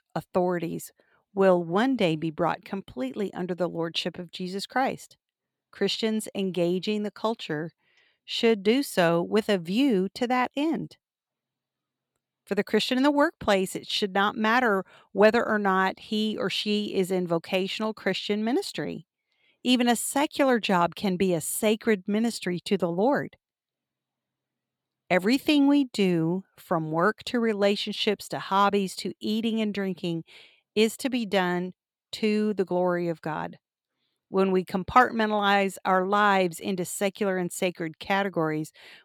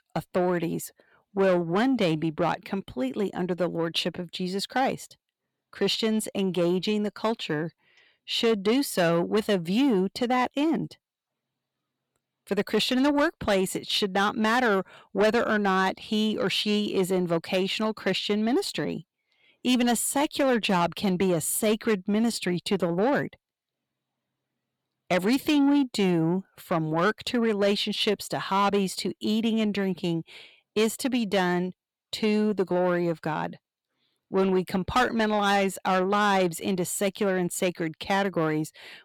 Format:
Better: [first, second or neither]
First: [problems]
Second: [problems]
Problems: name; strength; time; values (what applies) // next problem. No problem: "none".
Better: first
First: none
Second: distortion; slight; 10 dB below the speech